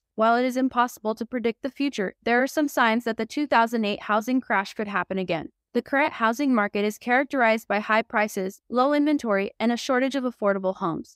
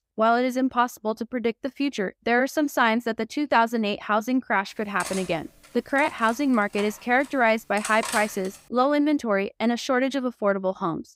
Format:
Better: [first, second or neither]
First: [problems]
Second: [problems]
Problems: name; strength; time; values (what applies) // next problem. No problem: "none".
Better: first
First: none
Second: clattering dishes; noticeable; from 5 to 8.5 s; peak 6 dB below the speech